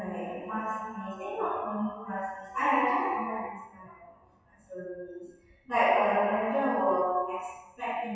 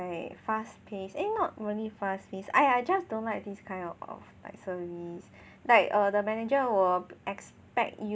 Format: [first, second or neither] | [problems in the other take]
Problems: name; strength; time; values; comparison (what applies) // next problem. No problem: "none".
second | noise reduction (classical method WPE with log-MMSE)